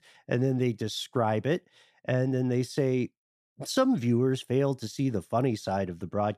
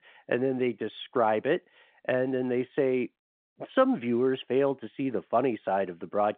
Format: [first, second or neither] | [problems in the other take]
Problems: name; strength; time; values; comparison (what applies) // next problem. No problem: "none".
first | phone-call audio; nothing above 3.5 kHz